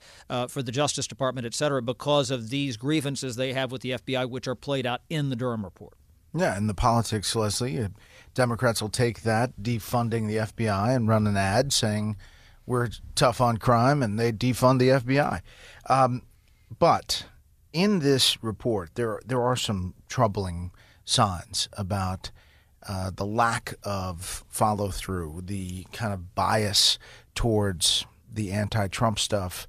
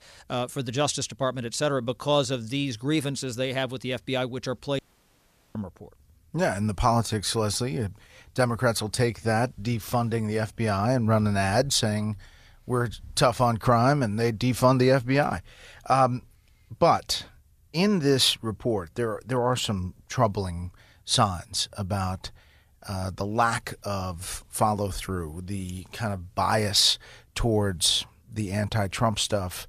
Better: first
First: none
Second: audio cutting out; at 5 s for 1 s

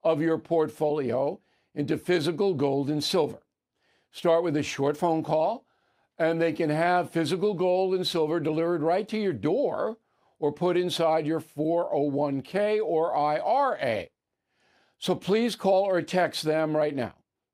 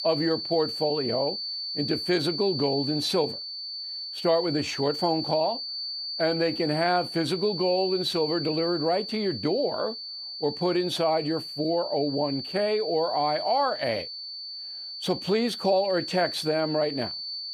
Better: first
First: none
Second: high-pitched whine; loud; throughout; 4.5 kHz, 5 dB below the speech

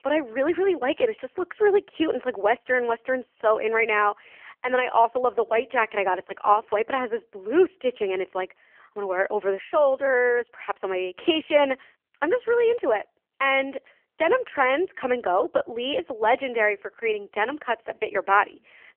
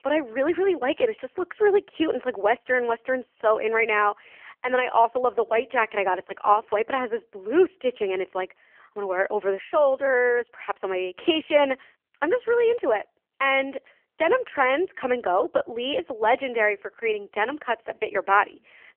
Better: neither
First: phone-call audio; poor line; nothing above 3 kHz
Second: phone-call audio; poor line; nothing above 3 kHz

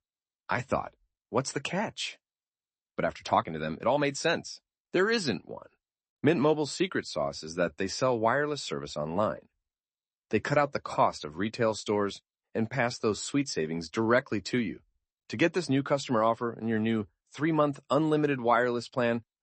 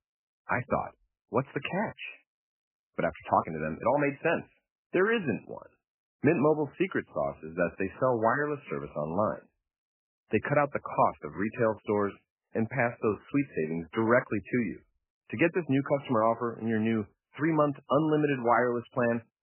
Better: first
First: garbled, watery; slightly; nothing above 8 kHz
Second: garbled, watery; badly; nothing above 3 kHz

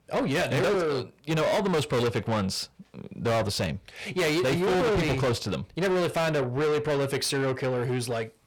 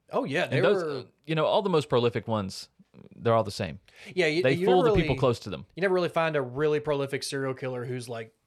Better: second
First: distortion; heavy; 6 dB below the speech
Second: none

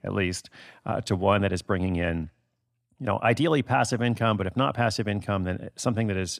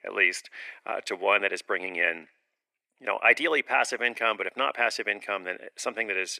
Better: first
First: none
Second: thin; very; fading below 400 Hz

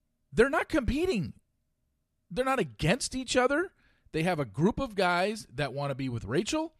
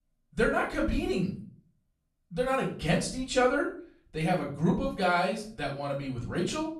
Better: first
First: none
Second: off-mic speech; far // room echo; slight; dies away in 0.4 s

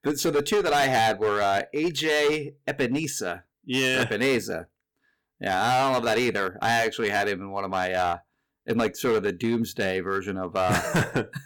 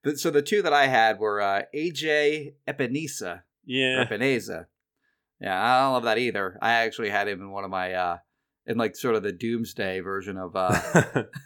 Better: second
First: distortion; heavy; 12% of the sound clipped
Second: none

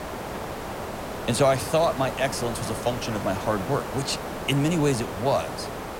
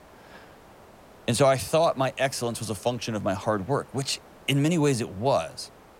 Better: second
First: hiss; loud; throughout; 7 dB below the speech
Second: hiss; faint; throughout; 25 dB below the speech

